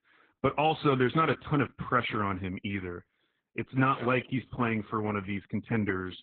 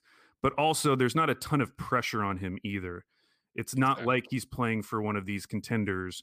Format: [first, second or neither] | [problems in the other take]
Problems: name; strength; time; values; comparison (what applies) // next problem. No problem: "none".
second | garbled, watery; badly; nothing above 3.5 kHz